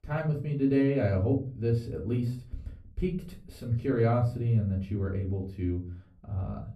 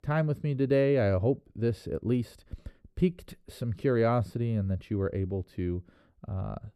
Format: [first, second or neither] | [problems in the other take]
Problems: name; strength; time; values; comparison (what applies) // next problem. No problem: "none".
second | off-mic speech; far // room echo; slight; dies away in 0.3 s